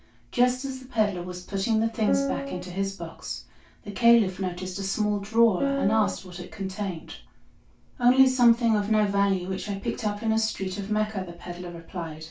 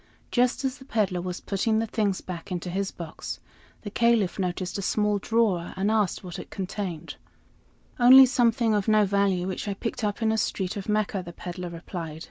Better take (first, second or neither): second